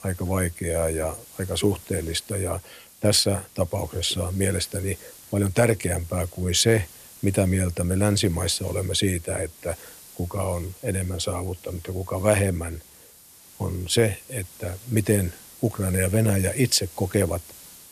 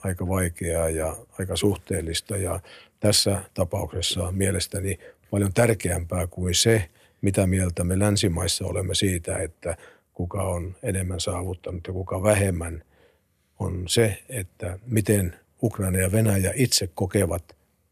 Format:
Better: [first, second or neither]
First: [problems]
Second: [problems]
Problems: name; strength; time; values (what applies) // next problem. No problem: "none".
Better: second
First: hiss; noticeable; throughout; 20 dB below the speech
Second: none